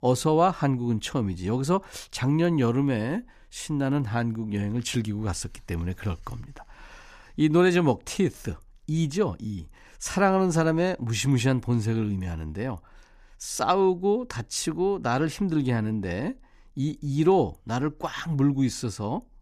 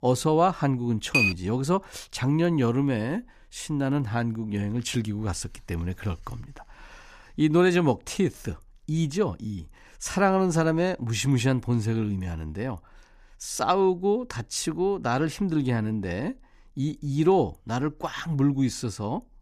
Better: first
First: none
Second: clattering dishes; loud; at 1 s; peak 4 dB above the speech

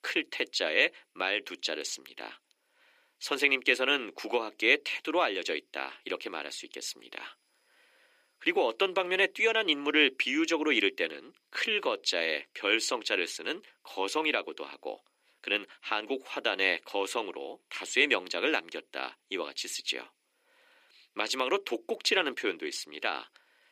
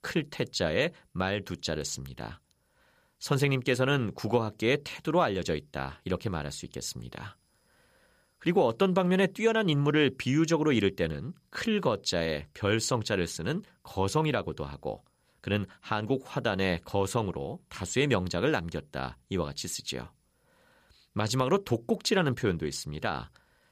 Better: second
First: thin; somewhat; fading below 300 Hz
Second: none

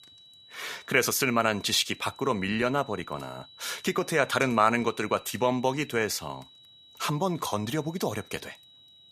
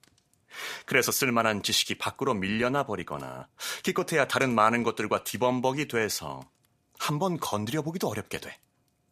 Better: second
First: high-pitched whine; faint; throughout; 4 kHz, 25 dB below the speech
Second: none

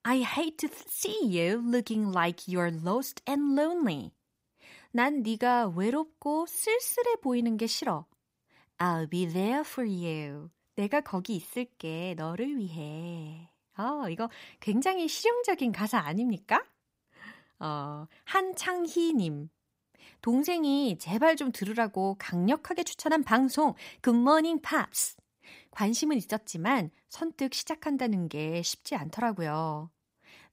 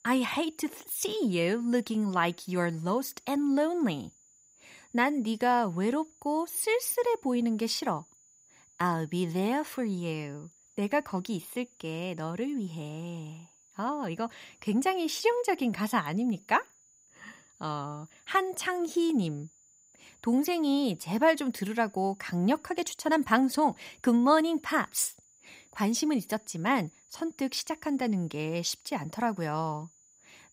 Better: first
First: none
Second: high-pitched whine; faint; throughout; 7 kHz, 30 dB below the speech

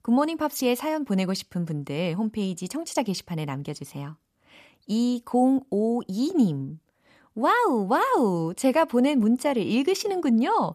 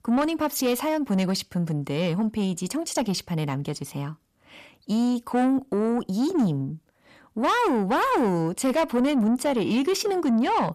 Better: first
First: none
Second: distortion; slight; 10 dB below the speech

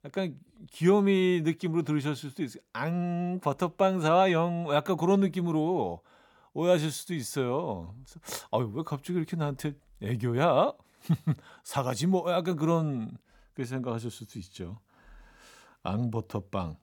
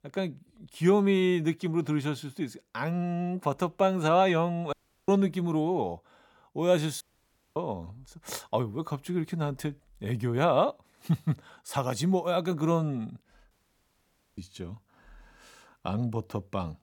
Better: first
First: none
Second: audio cutting out; at 4.5 s, at 7 s for 0.5 s and at 14 s for 1 s

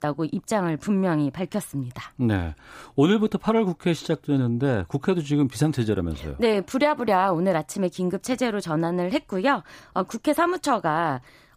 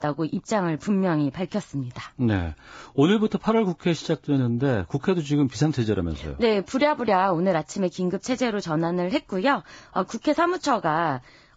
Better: first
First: none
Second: garbled, watery; badly; nothing above 7.5 kHz

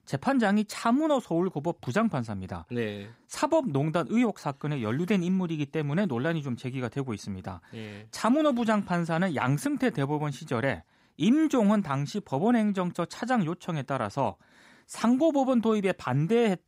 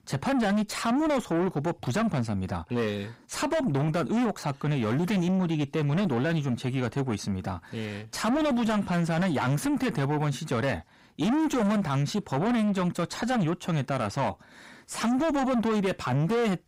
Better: first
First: none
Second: distortion; heavy; 6 dB below the speech

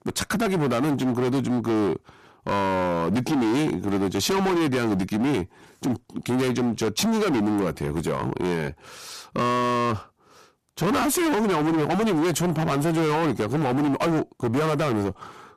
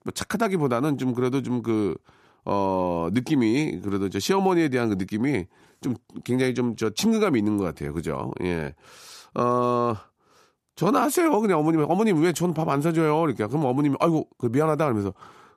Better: second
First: distortion; heavy; 29% of the sound clipped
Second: none

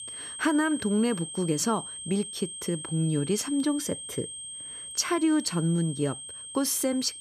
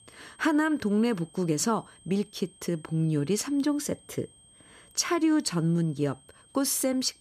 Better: second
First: high-pitched whine; loud; throughout; 8.5 kHz, 9 dB below the speech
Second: high-pitched whine; faint; throughout; 8.5 kHz, 25 dB below the speech

